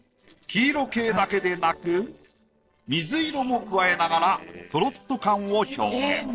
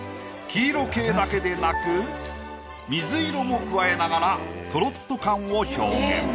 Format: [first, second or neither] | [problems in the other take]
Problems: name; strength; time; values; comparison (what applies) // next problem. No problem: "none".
second | noise reduction (neural separator model SepFormer DNS4)